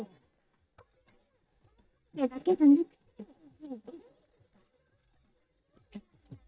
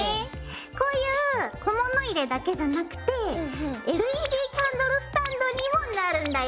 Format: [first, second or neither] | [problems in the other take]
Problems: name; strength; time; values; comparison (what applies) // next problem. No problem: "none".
second | noise reduction (neural mask model DeepFilterNet 3)